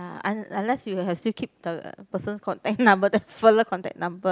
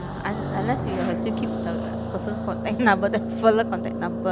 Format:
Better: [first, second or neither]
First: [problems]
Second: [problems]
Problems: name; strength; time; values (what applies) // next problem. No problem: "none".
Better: first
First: none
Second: background sound (Car passing by); 2 dB below the speech